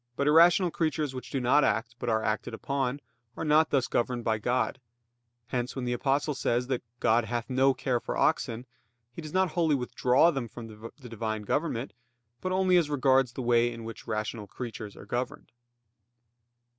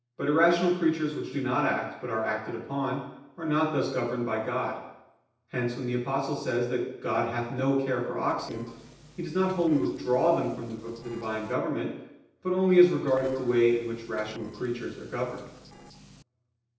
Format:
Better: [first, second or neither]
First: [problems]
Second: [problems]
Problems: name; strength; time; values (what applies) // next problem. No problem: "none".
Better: first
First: none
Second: noise reduction (neural separator model SepFormer DNS4)